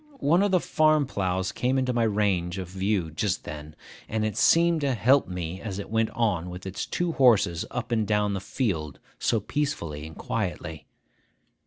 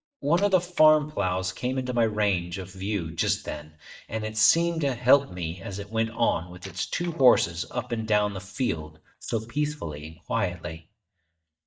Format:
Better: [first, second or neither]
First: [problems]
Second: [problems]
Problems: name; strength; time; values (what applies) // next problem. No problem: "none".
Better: first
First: none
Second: noise reduction (neural mask model DeepFilterNet 3)